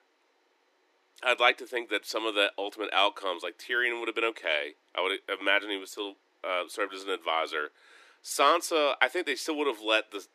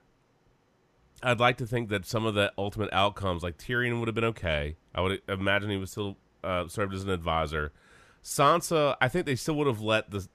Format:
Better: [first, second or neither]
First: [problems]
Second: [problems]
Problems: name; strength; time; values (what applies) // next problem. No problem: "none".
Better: second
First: thin; somewhat; fading below 300 Hz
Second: none